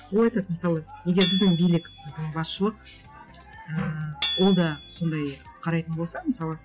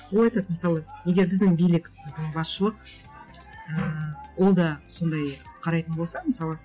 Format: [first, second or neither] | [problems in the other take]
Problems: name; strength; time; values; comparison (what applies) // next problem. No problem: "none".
second | background sound (Hammer / Chink, clink); 10 dB below the speech